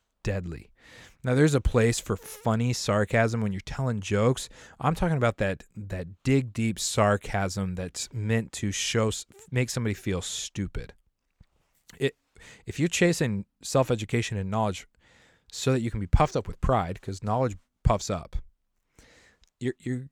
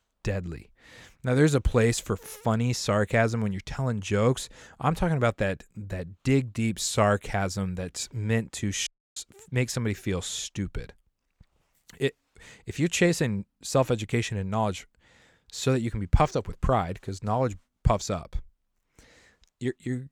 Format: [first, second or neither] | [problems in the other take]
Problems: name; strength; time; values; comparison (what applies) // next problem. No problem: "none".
first | audio cutting out; at 9 s